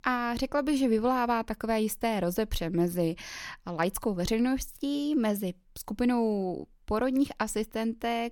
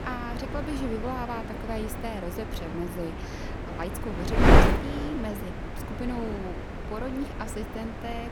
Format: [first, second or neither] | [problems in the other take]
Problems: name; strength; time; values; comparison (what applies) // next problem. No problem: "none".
first | wind noise on the microphone; heavy; 5 dB above the speech